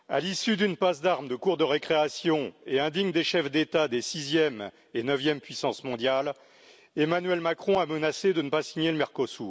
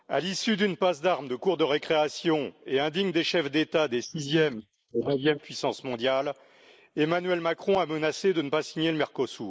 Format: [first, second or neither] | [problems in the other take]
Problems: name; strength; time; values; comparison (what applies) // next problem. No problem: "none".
first | noise reduction (neural mask model Resemble Enhance denoiser)